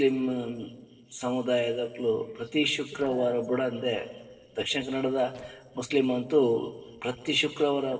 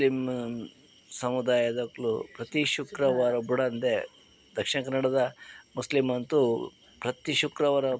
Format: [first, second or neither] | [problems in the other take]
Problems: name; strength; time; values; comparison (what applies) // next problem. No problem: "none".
second | noise reduction (neural separator model SepFormer DNS4)